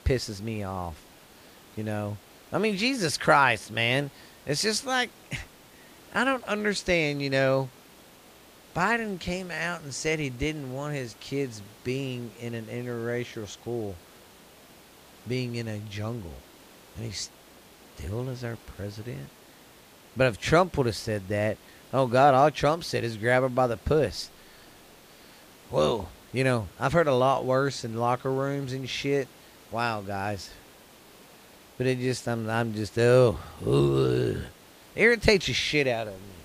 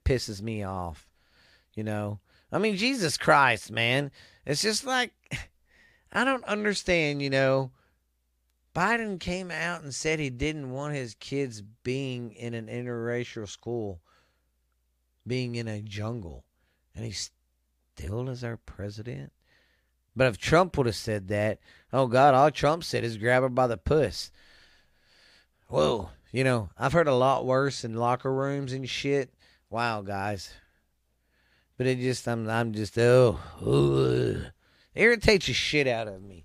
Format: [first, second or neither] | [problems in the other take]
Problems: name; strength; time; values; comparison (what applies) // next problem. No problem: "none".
second | hiss; faint; throughout; 25 dB below the speech